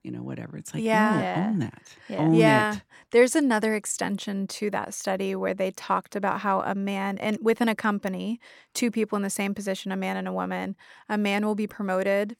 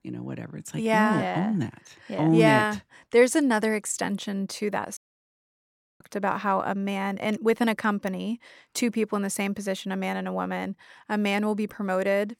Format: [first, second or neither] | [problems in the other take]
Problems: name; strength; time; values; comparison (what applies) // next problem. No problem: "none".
first | audio cutting out; at 5 s for 1 s